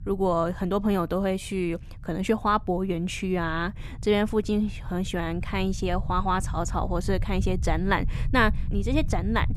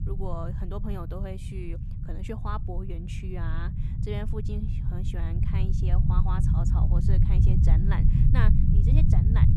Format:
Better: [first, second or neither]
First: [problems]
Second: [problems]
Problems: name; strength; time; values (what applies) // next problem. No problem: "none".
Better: first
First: low rumble; faint; throughout; 20 dB below the speech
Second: low rumble; loud; throughout; as loud as the speech